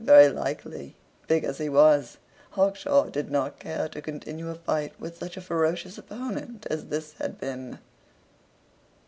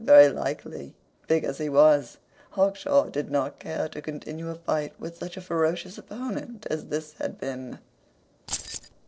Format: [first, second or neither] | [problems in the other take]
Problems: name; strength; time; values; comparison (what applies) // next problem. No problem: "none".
first | noise reduction (neural separator model SepFormer DNS4)